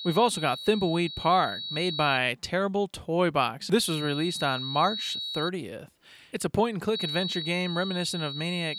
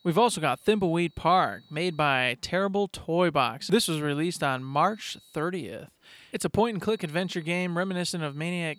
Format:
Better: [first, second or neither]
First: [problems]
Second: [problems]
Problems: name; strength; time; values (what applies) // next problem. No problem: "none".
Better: second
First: high-pitched whine; loud; until 2 s, from 4 to 5.5 s and from 7 s on; 4 kHz, 6 dB below the speech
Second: high-pitched whine; faint; until 2 s, from 4 to 5.5 s and from 7 s on; 4 kHz, 30 dB below the speech